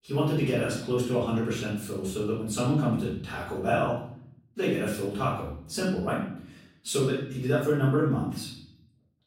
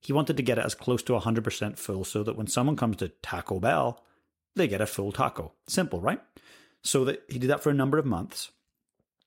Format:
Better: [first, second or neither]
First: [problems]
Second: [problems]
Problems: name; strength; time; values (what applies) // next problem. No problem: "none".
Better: second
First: off-mic speech; far // room echo; noticeable; dies away in 0.7 s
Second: none